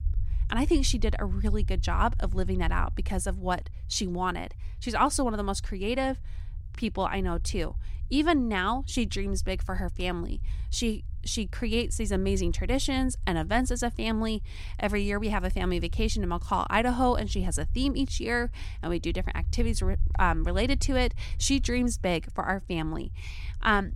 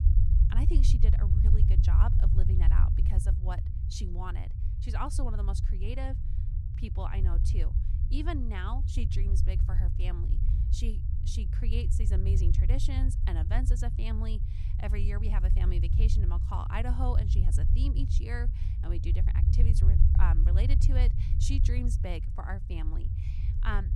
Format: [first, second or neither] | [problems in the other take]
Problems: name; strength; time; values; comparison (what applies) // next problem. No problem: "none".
first | low rumble; loud; throughout; 4 dB below the speech; faint in the first